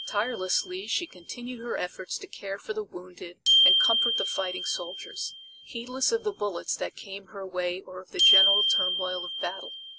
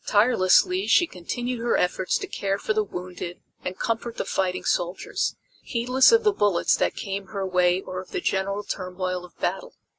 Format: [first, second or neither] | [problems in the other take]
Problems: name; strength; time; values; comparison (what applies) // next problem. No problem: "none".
second | background sound (Glockenspiel); 4 dB above the speech